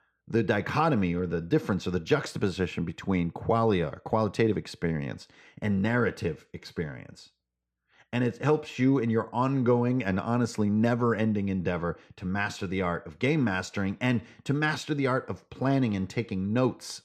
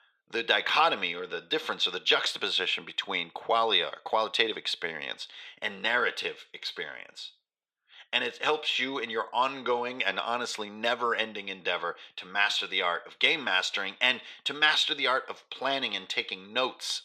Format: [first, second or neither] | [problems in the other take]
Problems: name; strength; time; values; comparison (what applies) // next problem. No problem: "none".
first | thin; very; fading below 700 Hz